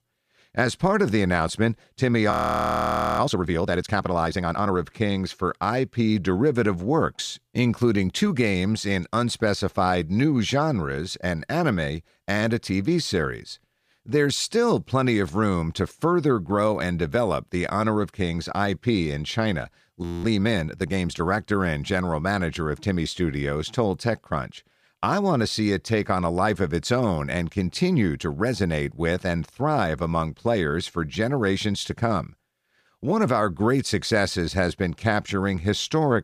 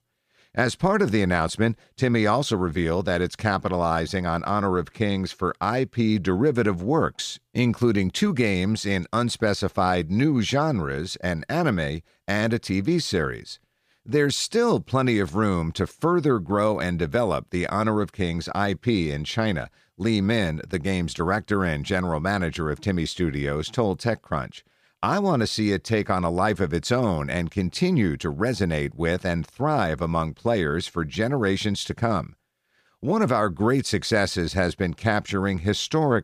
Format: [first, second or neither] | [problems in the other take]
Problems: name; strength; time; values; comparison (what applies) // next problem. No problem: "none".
second | audio freezing; at 2.5 s for 1 s and at 20 s